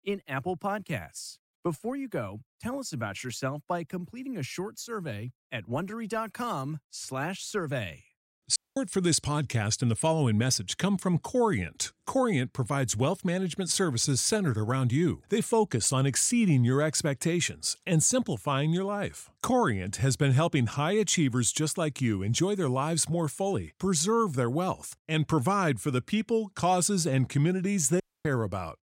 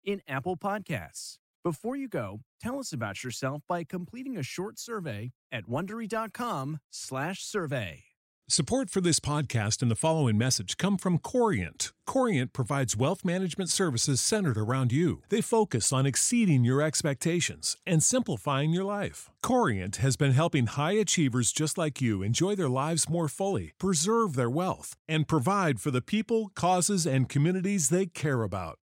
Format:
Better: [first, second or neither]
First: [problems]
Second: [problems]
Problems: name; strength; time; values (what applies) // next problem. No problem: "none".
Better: second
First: audio cutting out; at 8.5 s and at 28 s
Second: none